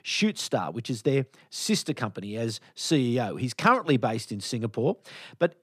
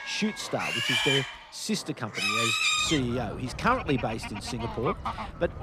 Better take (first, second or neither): first